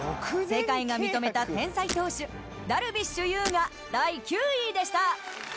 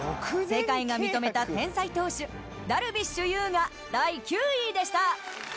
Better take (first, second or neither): second